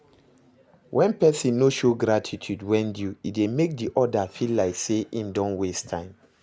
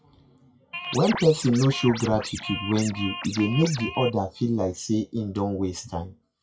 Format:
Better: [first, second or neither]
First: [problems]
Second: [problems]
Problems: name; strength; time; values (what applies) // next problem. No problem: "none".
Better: first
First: none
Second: noise reduction (classical method WPE with log-MMSE)